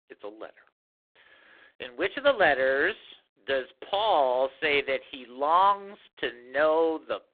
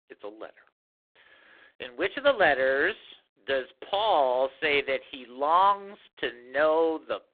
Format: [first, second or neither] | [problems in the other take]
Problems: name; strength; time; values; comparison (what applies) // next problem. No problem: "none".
neither | phone-call audio; poor line; nothing above 3.5 kHz; the same in both